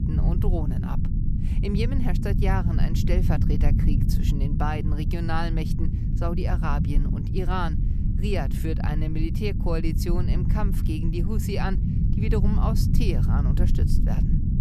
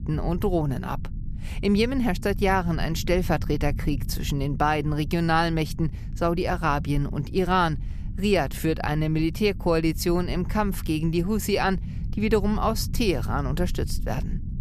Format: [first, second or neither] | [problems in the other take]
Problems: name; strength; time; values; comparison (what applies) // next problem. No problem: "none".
second | low rumble; loud; throughout; 4 dB below the speech; faint in the second